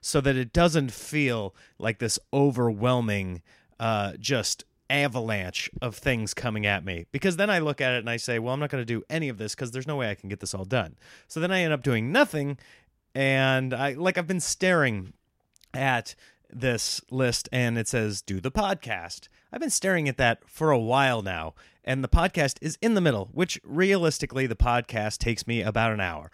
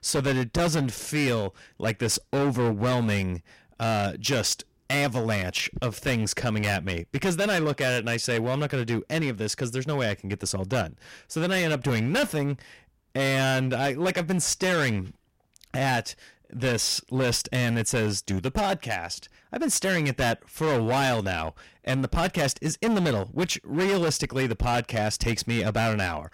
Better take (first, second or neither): first